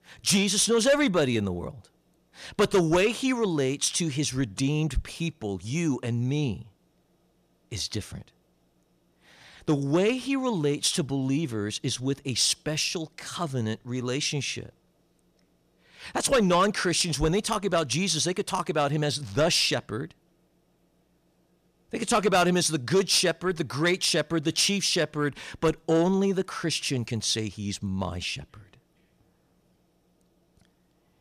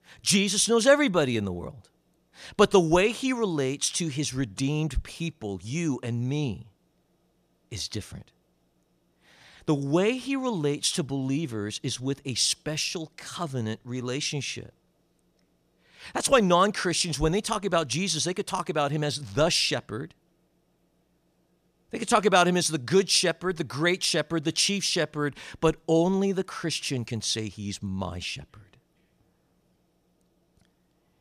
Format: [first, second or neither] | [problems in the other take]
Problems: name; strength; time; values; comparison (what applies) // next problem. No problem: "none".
second | distortion; slight; 10 dB below the speech